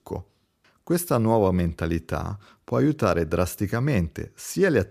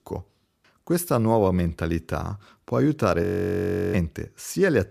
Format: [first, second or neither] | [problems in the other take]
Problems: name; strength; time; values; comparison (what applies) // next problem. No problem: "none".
first | audio freezing; at 3 s for 0.5 s